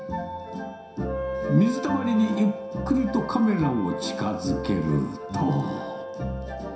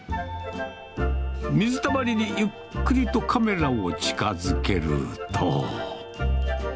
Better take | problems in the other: second | background sound (Wind instrument, woodwind instrument); 10 dB below the speech // room echo; dies away in 0.7 s

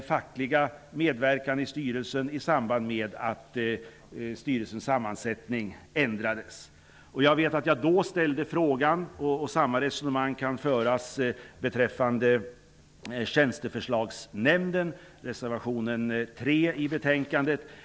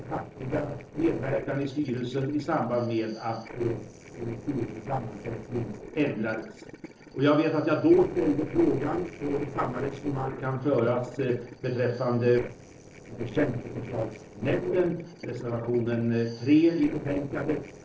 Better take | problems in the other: first | noise reduction (neural separator model SepFormer DNS4)

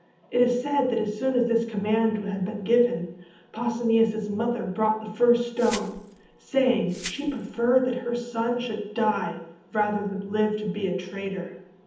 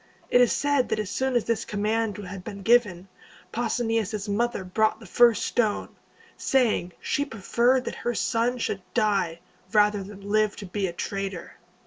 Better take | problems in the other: second | background sound (Glass); 17 dB below the speech // room echo; dies away in 0.8 s

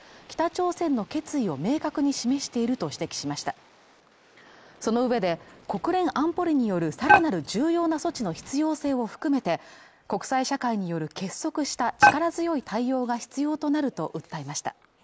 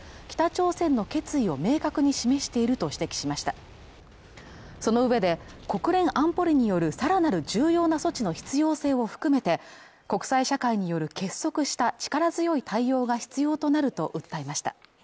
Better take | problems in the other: second | noise reduction (neural mask model Resemble Enhance denoiser)

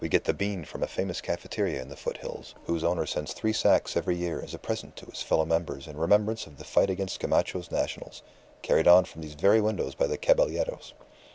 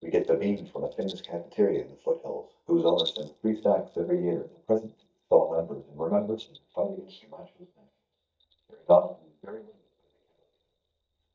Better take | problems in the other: first | noise reduction (neural mask model DeepFilterNet 3)

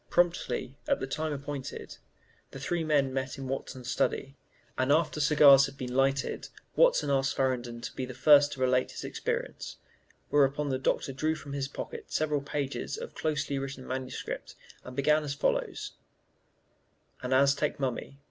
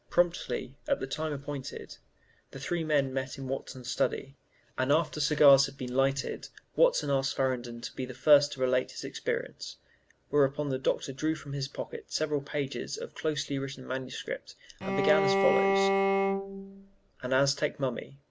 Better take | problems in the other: first | background sound (Bowed string instrument); 2 dB above the speech

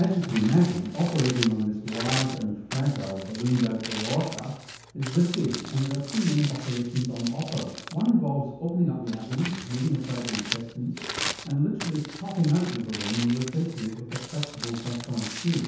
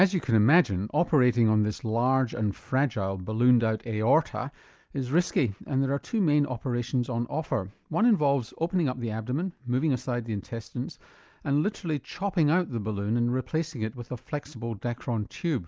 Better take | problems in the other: second | background sound (Crumpling, crinkling); 10 dB below the speech // room echo; dies away in 0.9 s

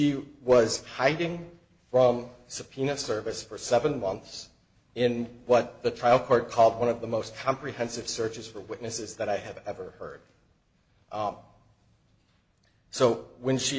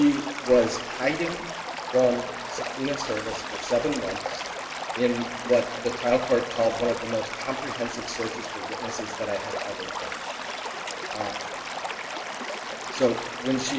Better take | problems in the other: first | background sound (Stream / Liquid); 5 dB below the speech // room echo; dies away in 1.8 s

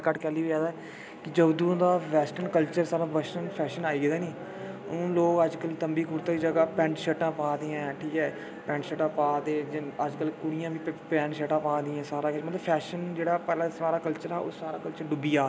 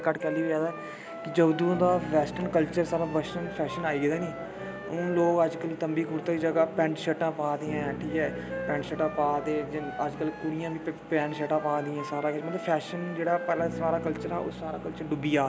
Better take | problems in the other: first | background sound (Bass guitar + Wind instrument, woodwind instrument); 11 dB below the speech

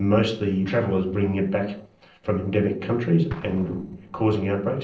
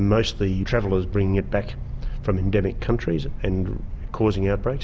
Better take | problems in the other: second | noise reduction (neural separator model SepFormer DNS4)

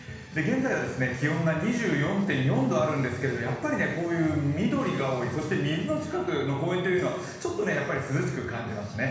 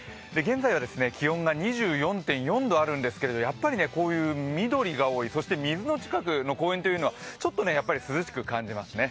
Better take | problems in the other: second | room echo; dies away in 1.1 s

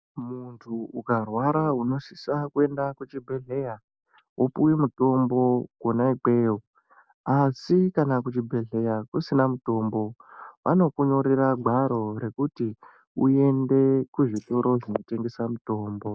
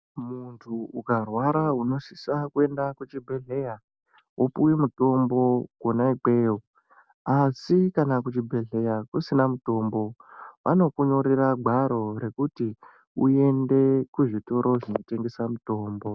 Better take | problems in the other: second | noise reduction (neural mask model Resemble Enhance denoiser)

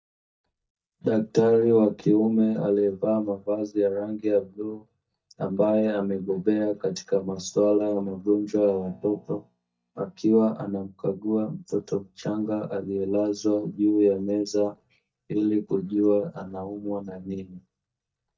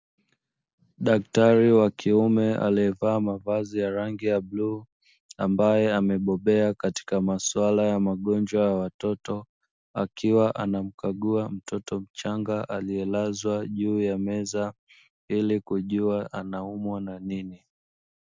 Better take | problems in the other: second | noise reduction (neural mask model DeepFilterNet 3)

